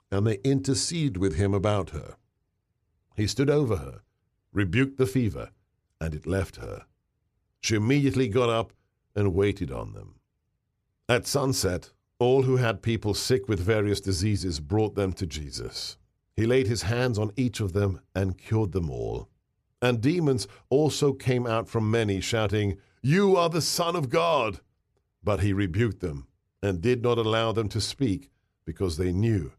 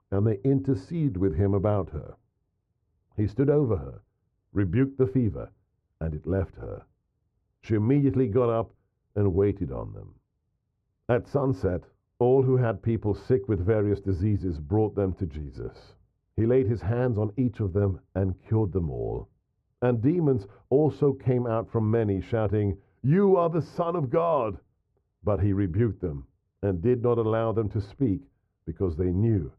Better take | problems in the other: first | muffled; very; fading above 2.5 kHz

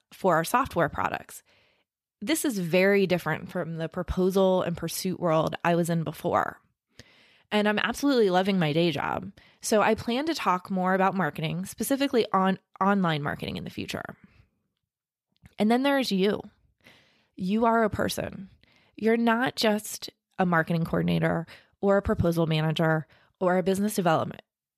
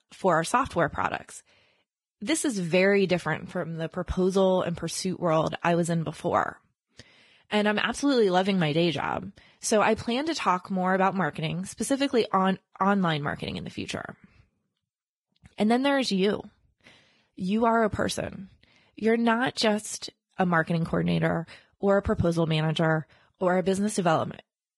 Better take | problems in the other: first | garbled, watery; badly; nothing above 11 kHz

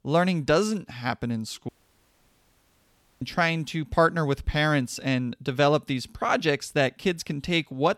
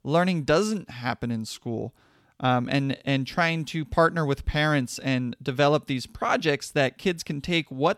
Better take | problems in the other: second | audio cutting out; at 1.5 s for 1.5 s

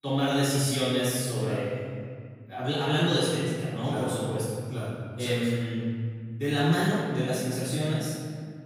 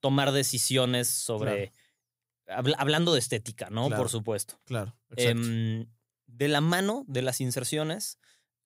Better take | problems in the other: second | off-mic speech; far // room echo; strong; dies away in 2.1 s

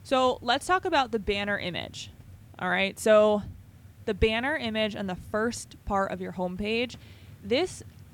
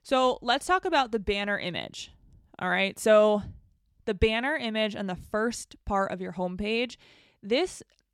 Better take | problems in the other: second | hiss; faint; throughout; 25 dB below the speech

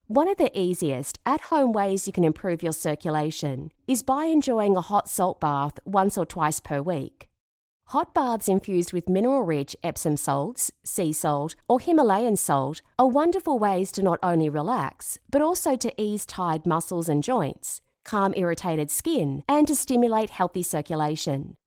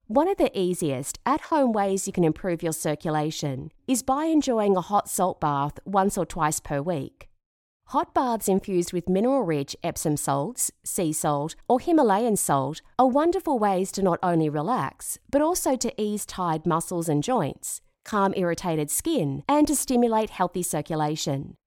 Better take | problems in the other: second | garbled, watery; slightly; nothing above 19 kHz

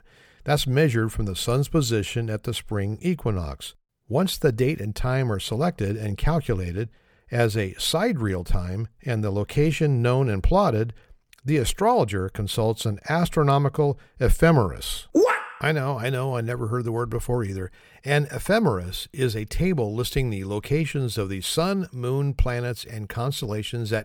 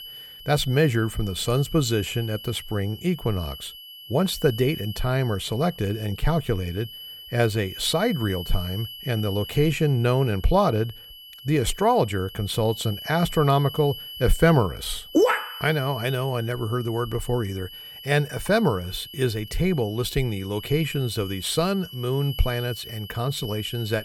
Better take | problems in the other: first | high-pitched whine; noticeable; throughout; 3 kHz, 15 dB below the speech

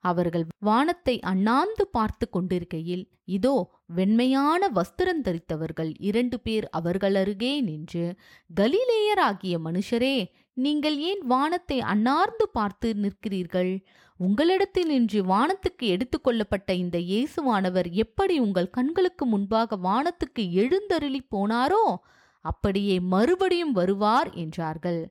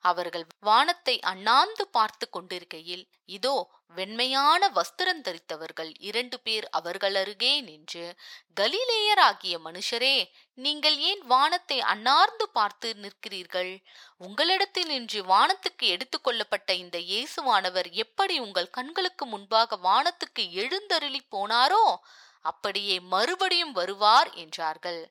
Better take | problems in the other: first | thin; very; fading below 850 Hz

